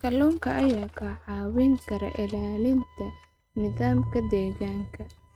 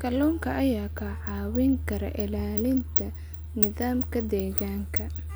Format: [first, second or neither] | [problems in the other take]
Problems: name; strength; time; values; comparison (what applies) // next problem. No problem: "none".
second | noise reduction (neural mask model RNNoise)